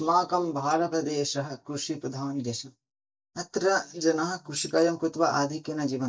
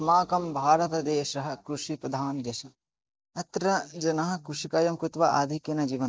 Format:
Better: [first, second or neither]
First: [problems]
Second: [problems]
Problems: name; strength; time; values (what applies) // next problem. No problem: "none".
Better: second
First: noise reduction (neural mask model DeepFilterNet 3)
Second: none